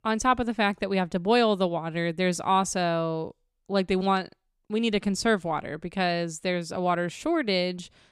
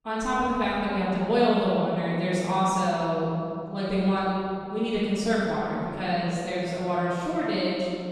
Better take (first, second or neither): first